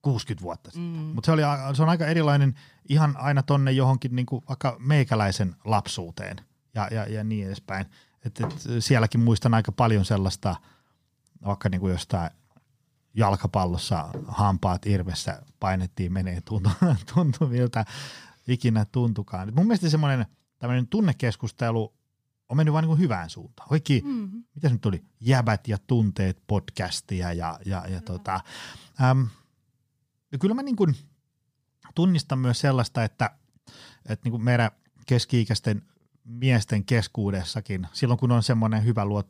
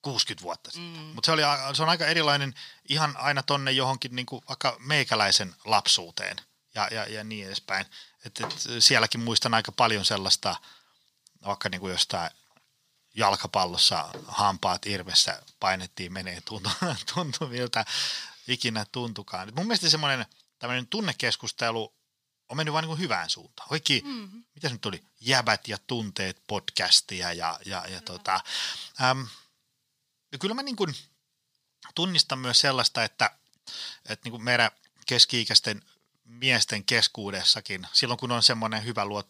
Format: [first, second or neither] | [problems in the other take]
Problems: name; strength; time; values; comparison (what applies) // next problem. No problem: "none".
first | thin; somewhat; fading below 1 kHz